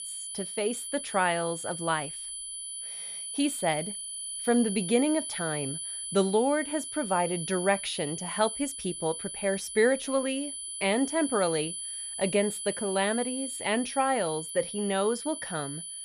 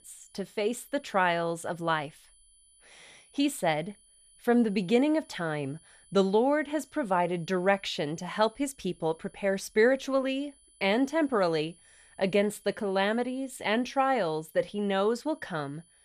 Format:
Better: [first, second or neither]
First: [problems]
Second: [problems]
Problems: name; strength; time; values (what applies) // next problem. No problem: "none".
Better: second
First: high-pitched whine; loud; throughout; 10 kHz, 6 dB below the speech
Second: high-pitched whine; faint; throughout; 10 kHz, 30 dB below the speech